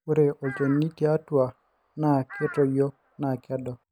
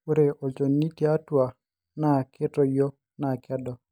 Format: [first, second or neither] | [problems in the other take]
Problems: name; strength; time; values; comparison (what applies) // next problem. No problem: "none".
second | background sound (Crow); 19 dB below the speech